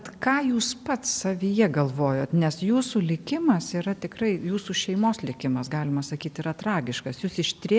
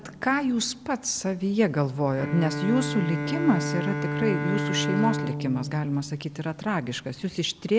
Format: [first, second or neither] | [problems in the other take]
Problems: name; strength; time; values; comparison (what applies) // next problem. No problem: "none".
first | background sound (Bowed string instrument); 5 dB below the speech